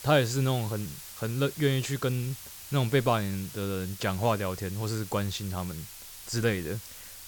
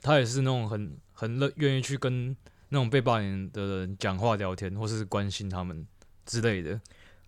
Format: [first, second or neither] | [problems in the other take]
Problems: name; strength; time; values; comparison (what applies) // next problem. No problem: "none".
second | hiss; noticeable; throughout; 10 dB below the speech